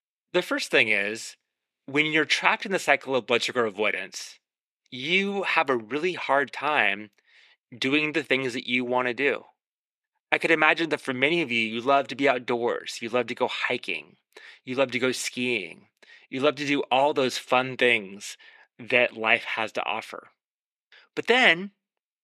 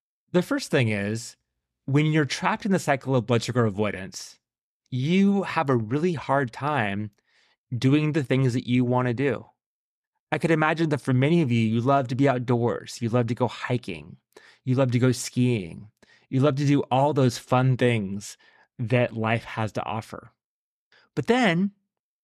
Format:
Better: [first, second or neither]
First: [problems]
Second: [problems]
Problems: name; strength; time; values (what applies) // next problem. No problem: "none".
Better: second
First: thin; somewhat; fading below 400 Hz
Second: none